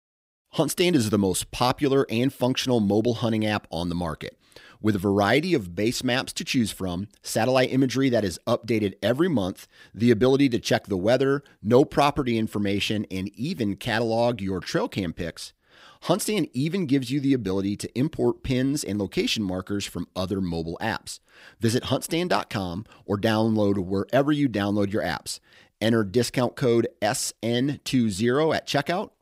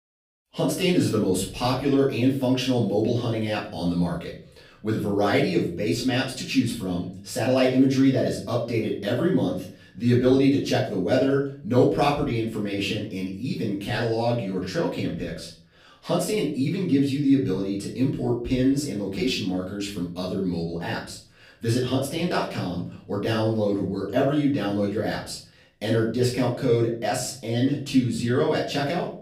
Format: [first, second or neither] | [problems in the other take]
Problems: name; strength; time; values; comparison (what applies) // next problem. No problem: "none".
first | off-mic speech; far // room echo; slight; dies away in 0.4 s